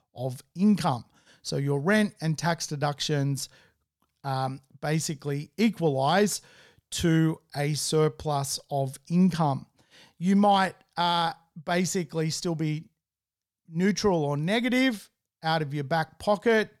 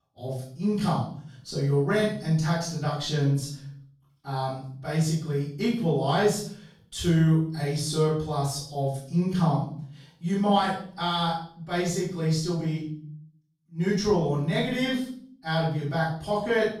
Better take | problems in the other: first | off-mic speech; far // room echo; noticeable; dies away in 0.5 s

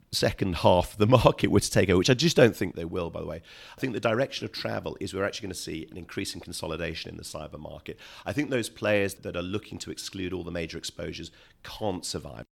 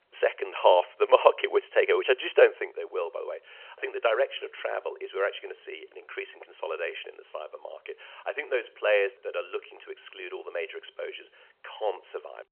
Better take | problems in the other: first | phone-call audio; nothing above 3 kHz

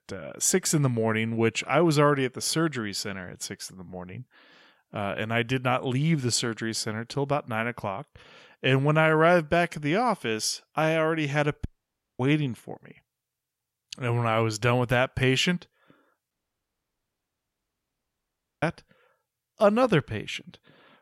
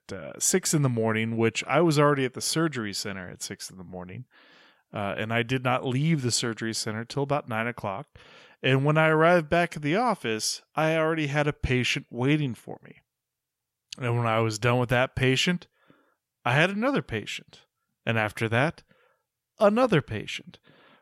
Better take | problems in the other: second | audio cutting out; at 12 s for 0.5 s and at 16 s for 2.5 s

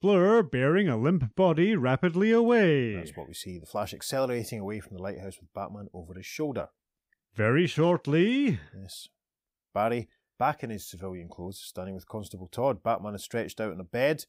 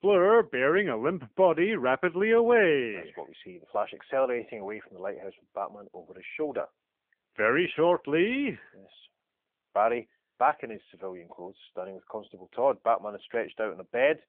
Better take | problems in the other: first | phone-call audio; nothing above 3 kHz

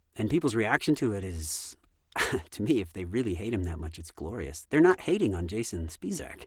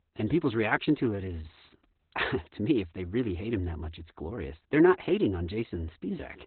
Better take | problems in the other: first | garbled, watery; badly; nothing above 4 kHz; slightly in the first

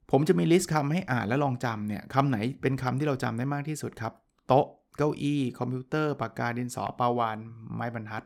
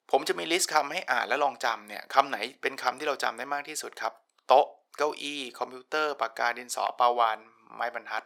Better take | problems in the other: first | thin; very; fading below 550 Hz

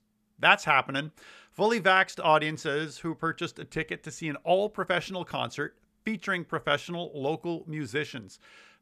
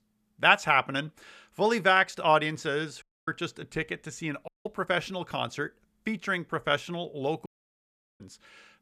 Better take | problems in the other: first | audio cutting out; at 3 s, at 4.5 s and at 7.5 s for 0.5 s

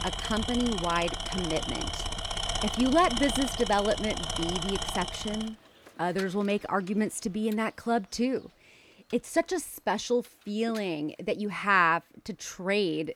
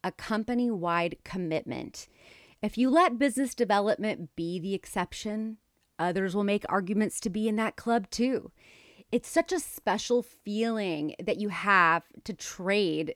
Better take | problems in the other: second | machinery noise; loud; throughout; 4 dB below the speech

